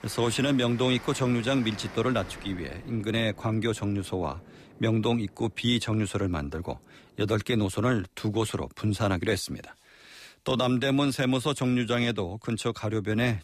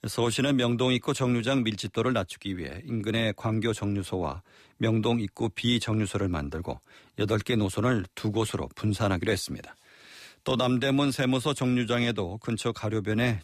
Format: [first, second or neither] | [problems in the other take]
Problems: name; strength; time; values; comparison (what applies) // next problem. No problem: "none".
second | train or aircraft noise; noticeable; throughout; 20 dB below the speech